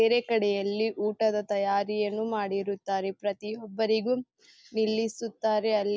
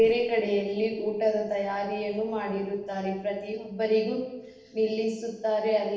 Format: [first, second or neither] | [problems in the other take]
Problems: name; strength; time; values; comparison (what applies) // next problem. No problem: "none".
first | noise reduction (neural separator model SepFormer DNS4)